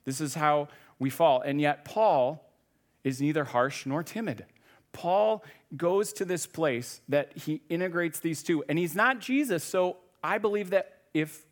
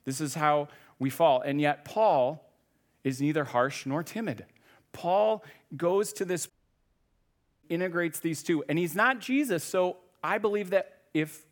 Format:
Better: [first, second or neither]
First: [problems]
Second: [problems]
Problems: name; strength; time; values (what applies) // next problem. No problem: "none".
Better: first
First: none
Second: audio cutting out; at 6.5 s for 1 s